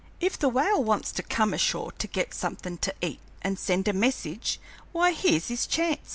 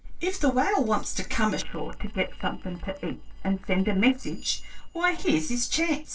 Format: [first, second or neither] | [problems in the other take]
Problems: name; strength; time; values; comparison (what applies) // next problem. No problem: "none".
first | noise reduction (neural separator model SepFormer DNS4)